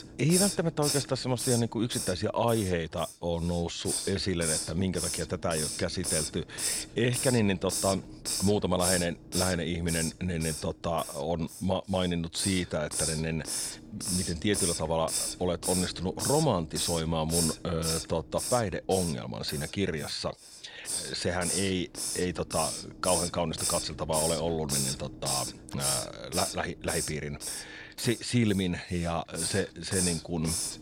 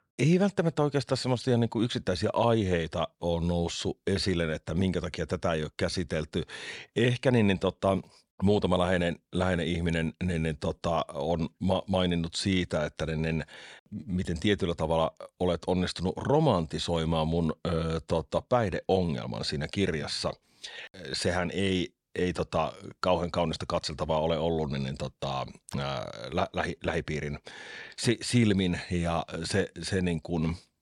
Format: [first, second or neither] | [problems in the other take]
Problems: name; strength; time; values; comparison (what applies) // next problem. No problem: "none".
second | hiss; loud; throughout; 2 dB below the speech